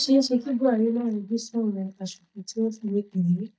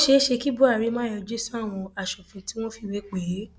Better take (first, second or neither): second